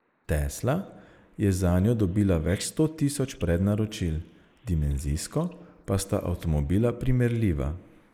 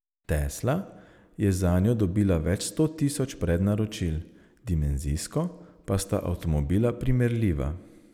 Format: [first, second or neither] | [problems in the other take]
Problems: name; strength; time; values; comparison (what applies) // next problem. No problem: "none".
second | noise reduction (neural mask model Resemble Enhance denoiser)